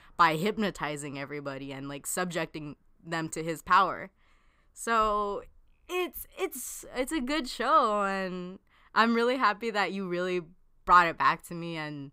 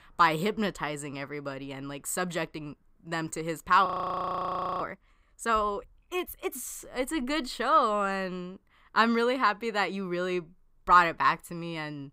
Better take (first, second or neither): first